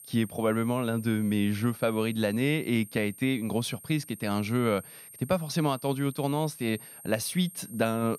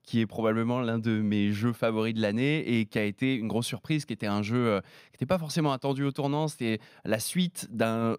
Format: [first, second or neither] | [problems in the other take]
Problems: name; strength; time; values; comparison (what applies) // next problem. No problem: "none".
second | high-pitched whine; noticeable; throughout; 8.5 kHz, 15 dB below the speech